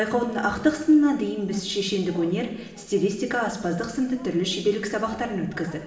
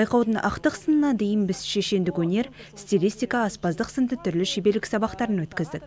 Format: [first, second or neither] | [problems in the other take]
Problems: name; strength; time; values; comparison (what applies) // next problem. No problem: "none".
second | room echo; dies away in 1 s